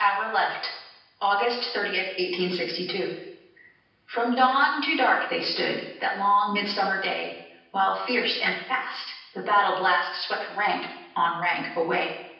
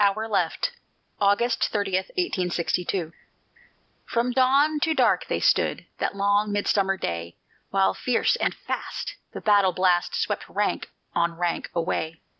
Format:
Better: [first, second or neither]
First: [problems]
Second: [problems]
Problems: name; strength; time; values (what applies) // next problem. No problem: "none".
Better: second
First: room echo; dies away in 0.9 s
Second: none